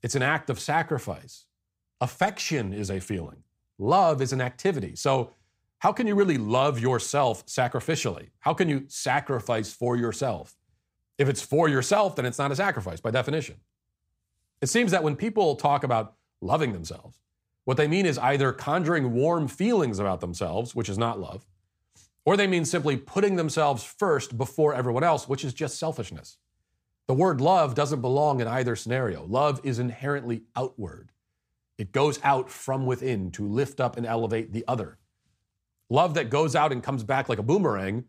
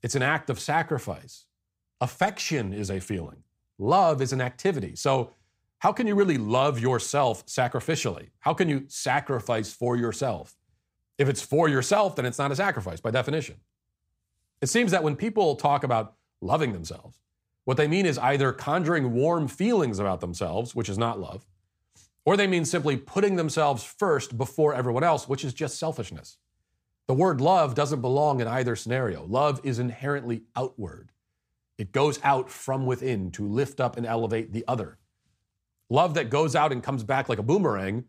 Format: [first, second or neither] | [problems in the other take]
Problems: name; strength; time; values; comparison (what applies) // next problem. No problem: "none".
neither | none